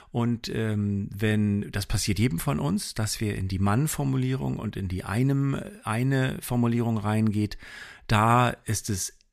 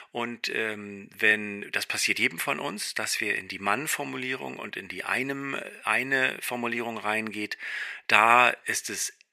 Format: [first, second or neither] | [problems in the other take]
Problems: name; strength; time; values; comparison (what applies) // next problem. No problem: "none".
first | thin; very; fading below 450 Hz